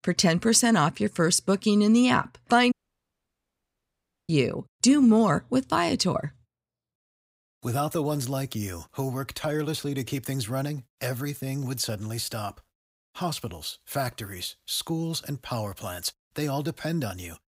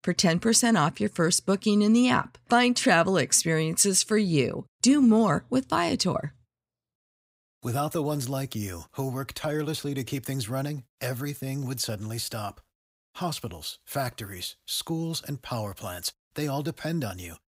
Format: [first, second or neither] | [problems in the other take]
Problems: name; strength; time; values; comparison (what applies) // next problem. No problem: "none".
second | audio cutting out; at 2.5 s for 1.5 s